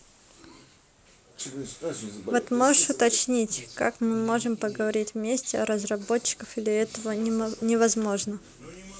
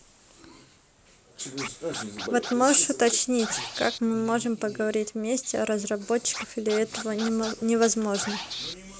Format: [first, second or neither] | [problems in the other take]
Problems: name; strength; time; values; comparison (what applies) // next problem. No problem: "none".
first | background sound (Scratching (performance technique)); 11 dB below the speech